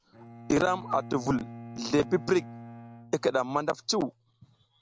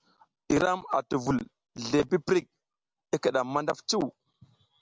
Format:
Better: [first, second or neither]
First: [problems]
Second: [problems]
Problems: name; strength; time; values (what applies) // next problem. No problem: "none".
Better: second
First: background sound (Bowed string instrument); 15 dB below the speech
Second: none